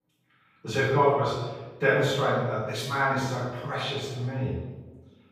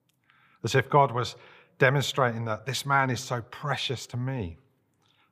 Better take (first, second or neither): second